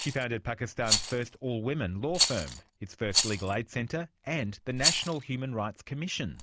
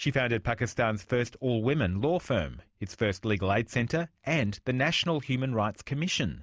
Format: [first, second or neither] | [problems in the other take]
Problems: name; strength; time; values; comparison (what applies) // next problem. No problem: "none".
second | background sound (Rattle); 1 dB below the speech